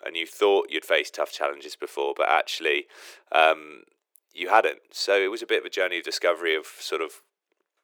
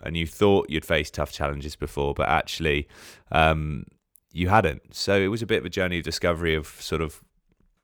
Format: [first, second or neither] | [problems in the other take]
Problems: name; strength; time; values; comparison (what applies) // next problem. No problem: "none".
second | thin; very; fading below 350 Hz